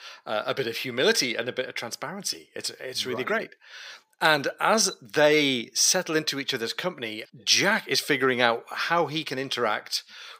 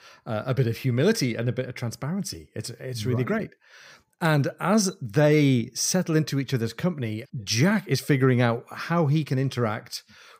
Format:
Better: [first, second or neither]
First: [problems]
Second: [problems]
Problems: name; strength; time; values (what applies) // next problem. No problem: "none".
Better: second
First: thin; somewhat; fading below 400 Hz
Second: none